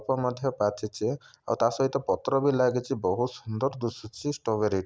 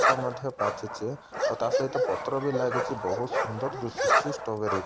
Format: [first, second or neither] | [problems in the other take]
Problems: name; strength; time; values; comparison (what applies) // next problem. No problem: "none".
first | background sound (Bark); 3 dB above the speech